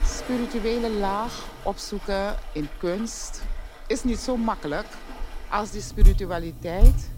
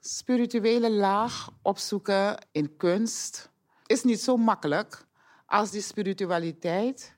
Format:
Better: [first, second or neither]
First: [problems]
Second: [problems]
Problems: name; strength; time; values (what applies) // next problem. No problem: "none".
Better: second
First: rain or running water; loud; throughout; 1 dB below the speech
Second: none